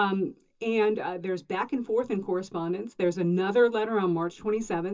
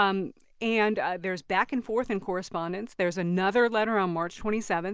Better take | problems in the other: second | room echo; dies away in 0.2 s

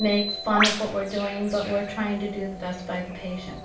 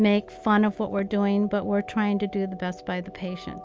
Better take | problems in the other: second | background sound (Bird); 5 dB below the speech // room echo; dies away in 0.3 s

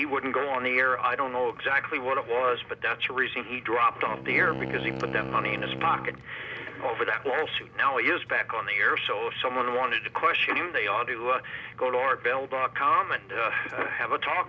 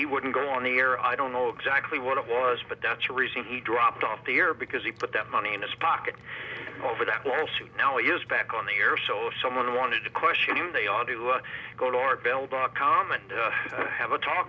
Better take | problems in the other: second | background sound (Wind instrument, woodwind instrument); 10 dB below the speech

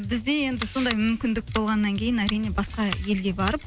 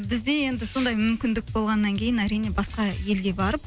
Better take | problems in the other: second | background sound (Scissors); 14 dB below the speech

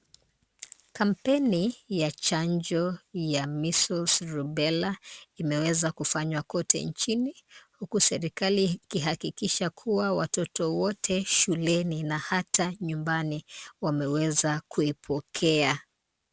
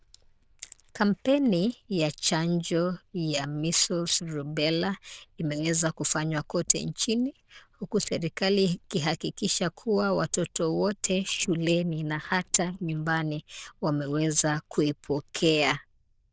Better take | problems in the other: first | noise reduction (neural diffusion model UNIVERSE++)

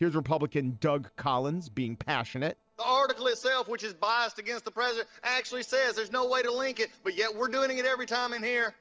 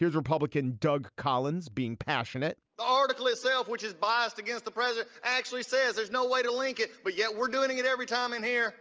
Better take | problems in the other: second | noise reduction (neural separator model SepFormer DNS4)

